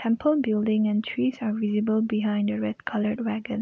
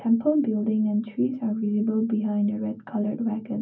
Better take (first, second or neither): first